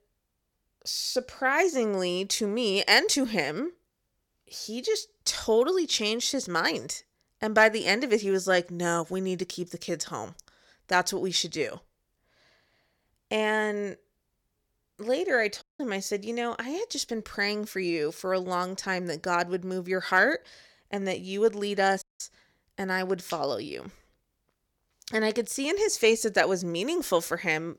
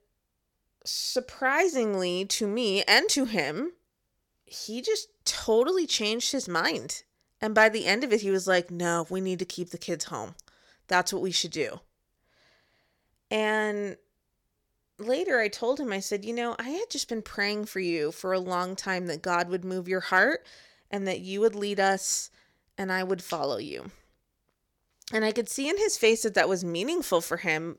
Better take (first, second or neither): second